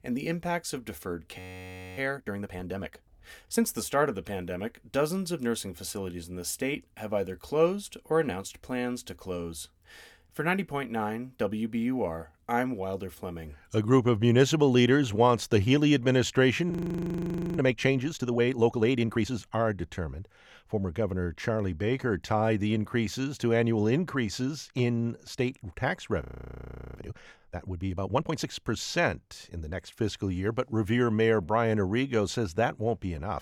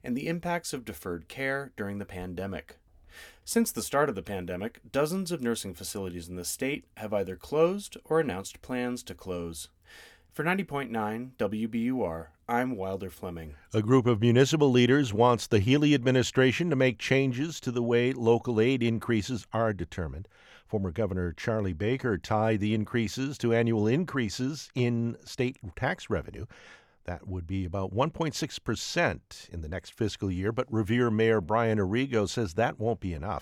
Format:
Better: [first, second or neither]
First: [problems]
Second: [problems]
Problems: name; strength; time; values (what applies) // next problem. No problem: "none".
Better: second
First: audio freezing; at 1.5 s for 0.5 s, at 17 s for 1 s and at 26 s for 0.5 s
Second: none